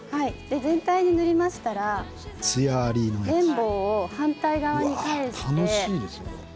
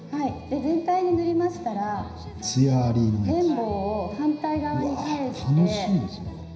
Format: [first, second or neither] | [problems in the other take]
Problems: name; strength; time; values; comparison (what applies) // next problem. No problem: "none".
first | room echo; dies away in 0.9 s